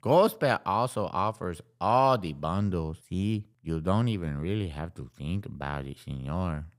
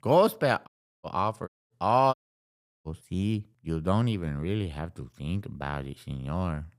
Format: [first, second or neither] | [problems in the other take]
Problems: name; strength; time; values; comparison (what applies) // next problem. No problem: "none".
first | audio cutting out; at 0.5 s, at 1.5 s and at 2 s for 0.5 s